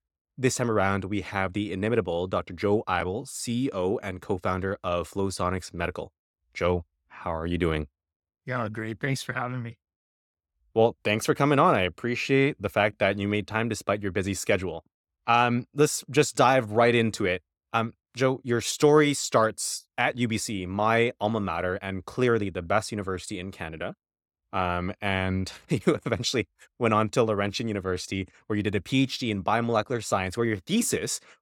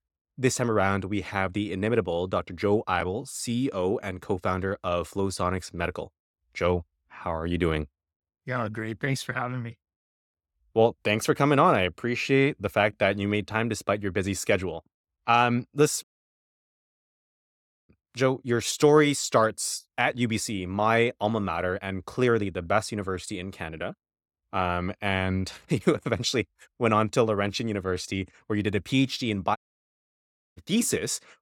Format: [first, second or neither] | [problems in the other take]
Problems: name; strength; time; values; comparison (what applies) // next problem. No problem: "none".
first | audio cutting out; at 16 s for 2 s and at 30 s for 1 s